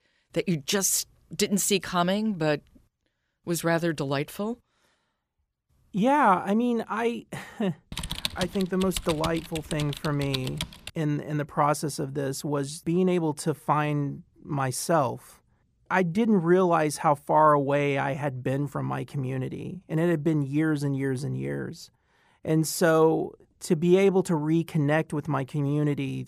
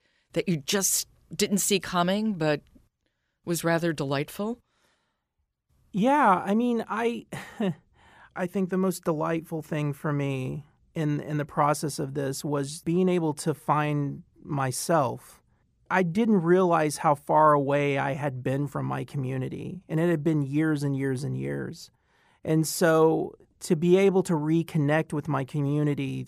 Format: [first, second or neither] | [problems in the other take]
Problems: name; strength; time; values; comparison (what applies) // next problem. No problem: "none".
second | keyboard typing; noticeable; from 8 to 11 s; peak 5 dB below the speech